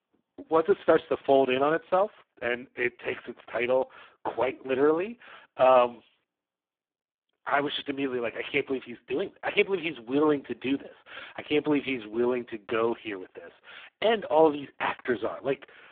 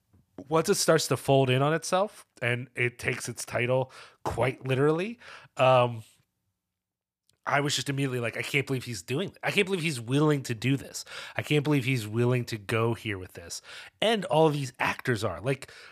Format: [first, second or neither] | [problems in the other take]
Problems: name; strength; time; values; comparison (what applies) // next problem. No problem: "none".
second | phone-call audio; poor line